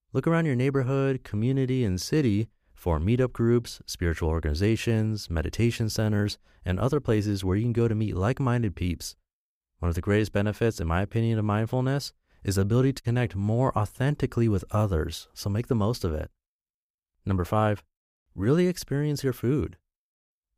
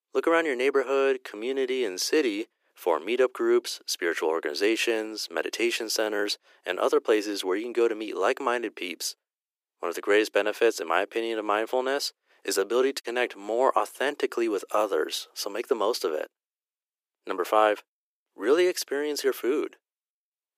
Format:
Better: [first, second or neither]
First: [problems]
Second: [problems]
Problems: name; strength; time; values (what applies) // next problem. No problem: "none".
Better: first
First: none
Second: thin; very; fading below 350 Hz